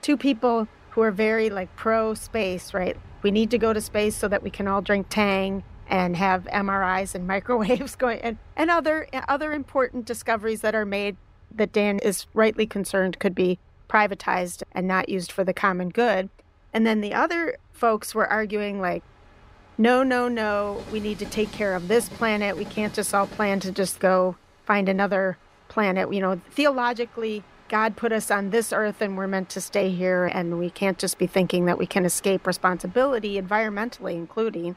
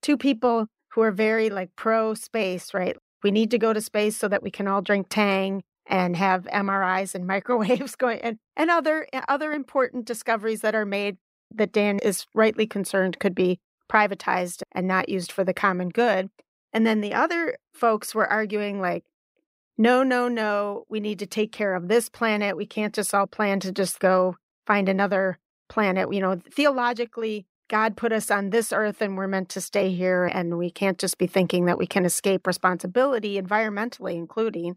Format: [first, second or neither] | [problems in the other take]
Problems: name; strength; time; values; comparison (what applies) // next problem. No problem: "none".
second | train or aircraft noise; faint; throughout; 25 dB below the speech